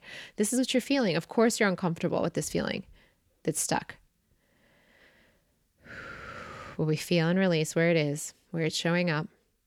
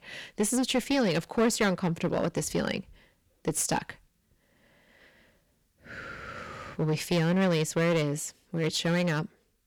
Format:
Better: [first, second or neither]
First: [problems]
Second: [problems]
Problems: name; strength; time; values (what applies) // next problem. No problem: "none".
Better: first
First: none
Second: distortion; slight; 5% of the sound clipped